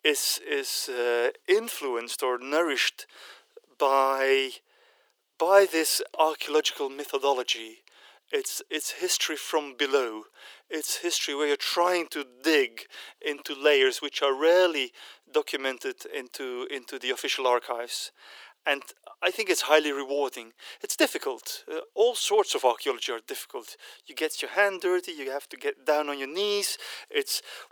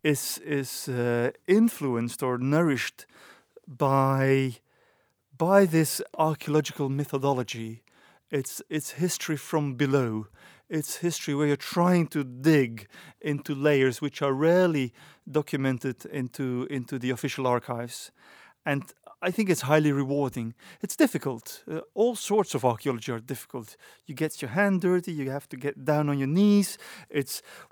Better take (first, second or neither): second